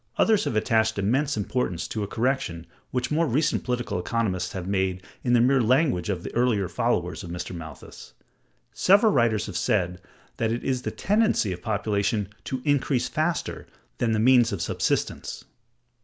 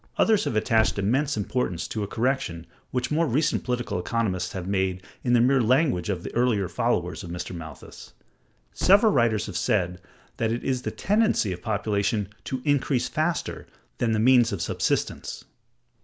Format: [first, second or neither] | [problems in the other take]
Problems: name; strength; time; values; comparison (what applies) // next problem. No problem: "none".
first | background sound (Thump, thud); 16 dB below the speech